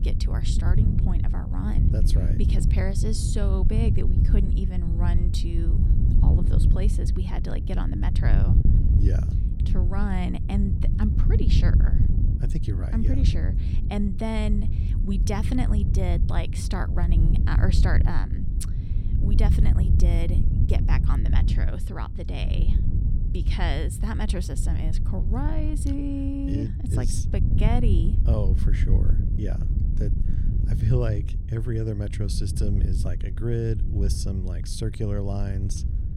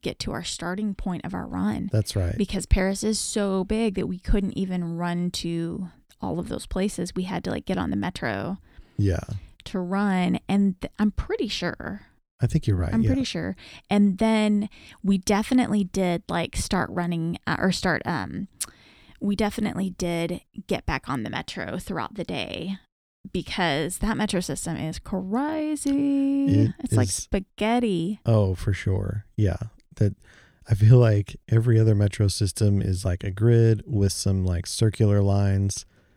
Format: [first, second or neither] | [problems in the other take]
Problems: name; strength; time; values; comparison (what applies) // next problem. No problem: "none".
second | wind noise on the microphone; heavy; 4 dB below the speech